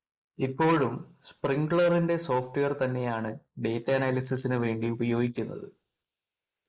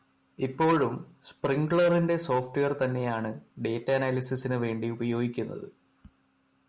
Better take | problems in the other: second | noise reduction (neural mask model Resemble Enhance denoiser)

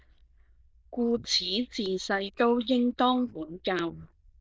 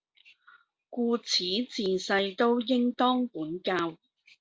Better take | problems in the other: second | noise reduction (neural diffusion model UNIVERSE++)

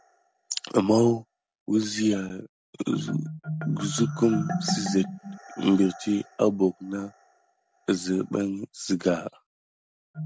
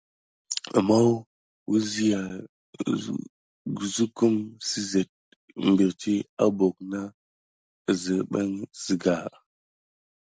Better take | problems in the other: second | background sound (Marimba, xylophone); 9 dB below the speech

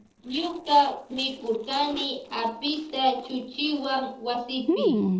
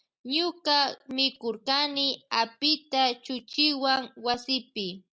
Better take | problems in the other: second | noise reduction (neural separator model SepFormer DNS4)

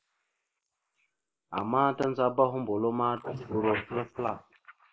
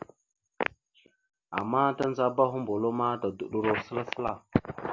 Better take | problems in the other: second | noise reduction (neural mask model Resemble Enhance denoiser)

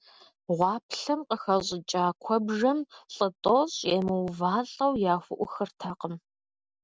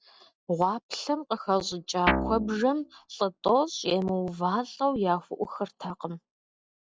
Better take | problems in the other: first | noise reduction (classical method log-MMSE)

